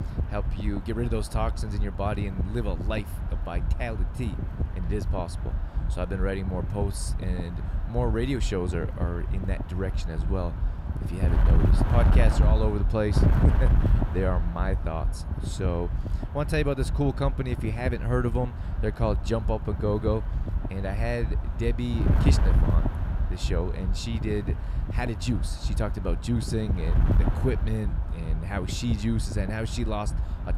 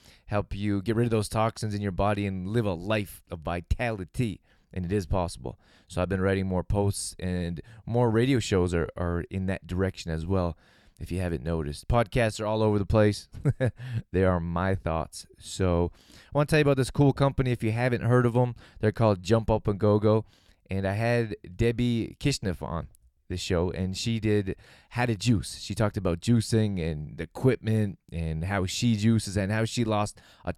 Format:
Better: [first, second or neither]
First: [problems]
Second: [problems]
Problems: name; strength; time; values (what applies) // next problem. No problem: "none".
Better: second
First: wind noise on the microphone; heavy; 7 dB below the speech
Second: none